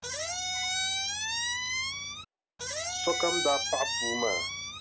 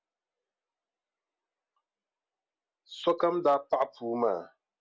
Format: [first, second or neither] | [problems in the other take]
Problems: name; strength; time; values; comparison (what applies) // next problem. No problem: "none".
second | background sound (Squeak); 3 dB above the speech